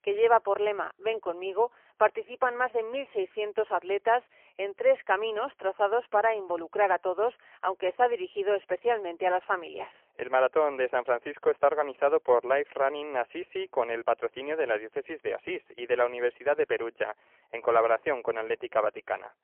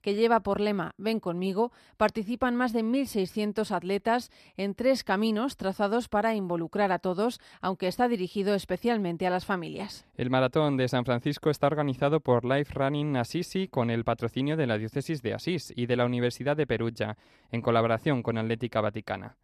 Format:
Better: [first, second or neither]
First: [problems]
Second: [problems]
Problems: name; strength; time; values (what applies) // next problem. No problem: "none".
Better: second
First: phone-call audio; poor line; nothing above 3 kHz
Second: none